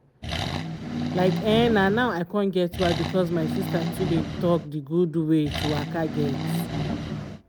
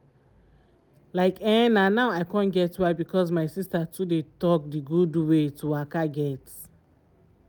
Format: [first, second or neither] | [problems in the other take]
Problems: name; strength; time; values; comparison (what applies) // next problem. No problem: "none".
second | background sound (Accelerating, revving, vroom); 4 dB below the speech